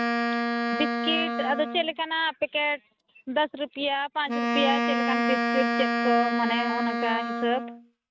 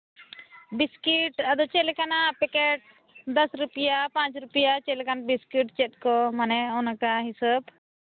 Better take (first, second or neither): second